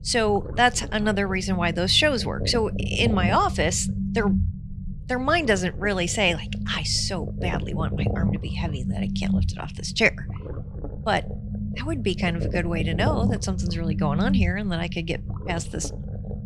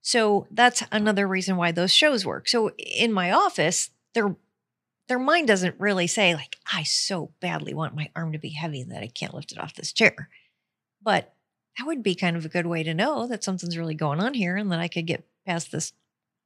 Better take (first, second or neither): second